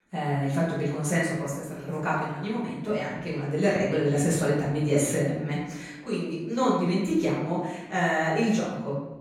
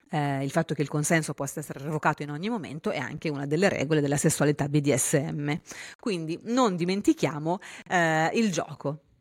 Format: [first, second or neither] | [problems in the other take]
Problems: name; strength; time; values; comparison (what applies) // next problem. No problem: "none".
second | room echo; noticeable; dies away in 0.9 s // off-mic speech; far